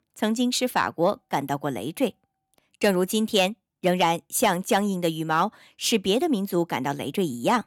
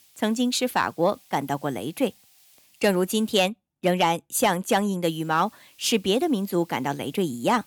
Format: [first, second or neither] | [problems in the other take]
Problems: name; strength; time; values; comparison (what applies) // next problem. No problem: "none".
first | hiss; faint; until 3.5 s and from 5 s on; 30 dB below the speech